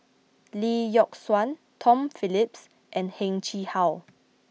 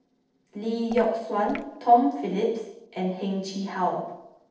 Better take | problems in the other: first | noise reduction (neural separator model SepFormer DNS4)

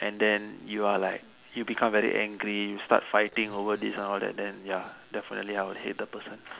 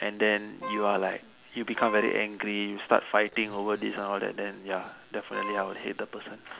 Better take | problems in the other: first | background sound (Wind instrument, woodwind instrument); 8 dB below the speech

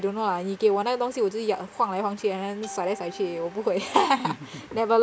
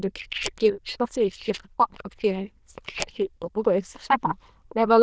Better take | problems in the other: first | noise reduction (neural diffusion model UNIVERSE++)

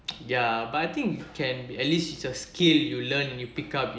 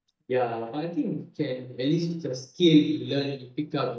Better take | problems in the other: first | noise reduction (neural mask model DeepFilterNet 3)

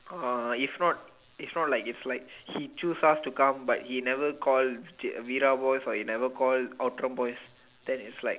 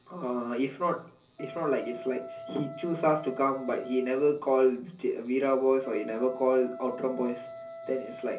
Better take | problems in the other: first | background sound (Wind instrument, woodwind instrument); 15 dB below the speech // room echo; dies away in 0.5 s

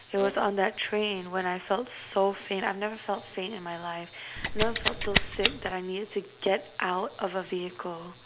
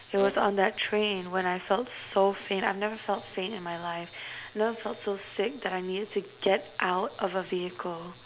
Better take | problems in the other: second | background sound (Scissors); 2 dB above the speech

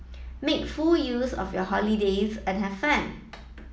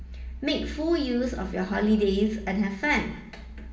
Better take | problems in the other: first | room echo; dies away in 1.9 s

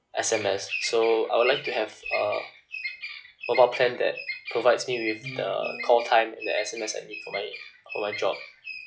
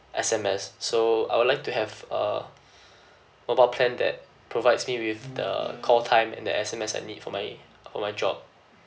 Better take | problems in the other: second | noise reduction (classical method log-MMSE)

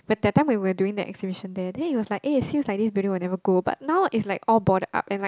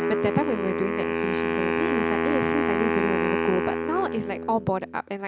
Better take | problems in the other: first | background sound (Wind instrument, woodwind instrument); 2 dB above the speech

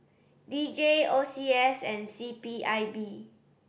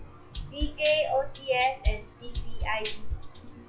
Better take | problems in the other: first | noise reduction (classical method log-MMSE)

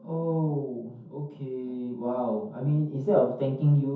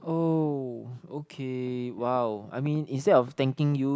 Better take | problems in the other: second | room echo; dies away in 0.6 s

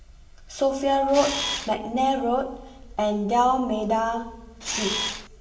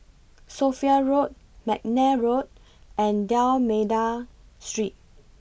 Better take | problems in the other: second | background sound (Camera); 5 dB below the speech // room echo; dies away in 1.3 s

